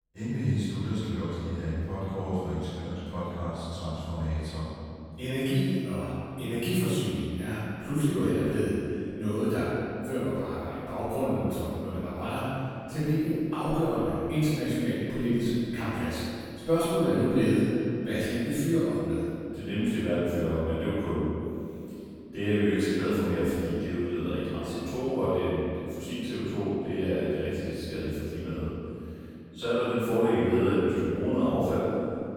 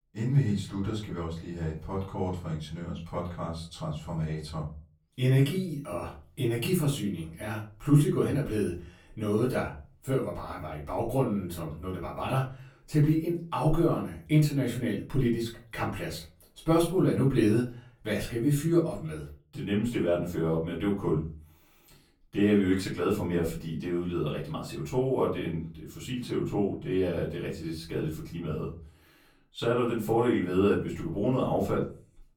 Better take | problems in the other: second | room echo; strong; dies away in 2.9 s; slight in the second // off-mic speech; far; far in the second

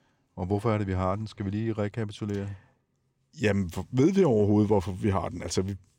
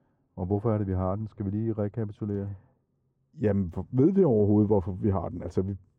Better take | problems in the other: first | muffled; very; fading above 1.5 kHz

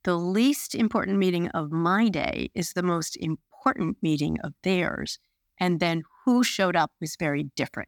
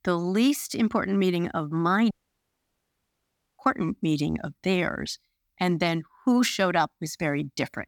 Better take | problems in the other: first | audio cutting out; at 2 s for 1.5 s

